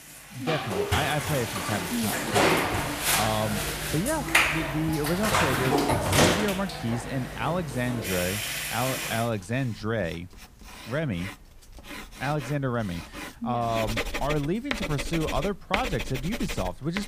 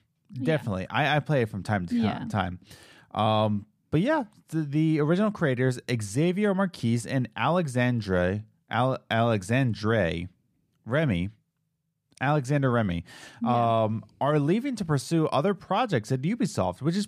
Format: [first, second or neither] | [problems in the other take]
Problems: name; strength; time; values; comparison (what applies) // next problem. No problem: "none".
second | household noises; very loud; throughout; 2 dB above the speech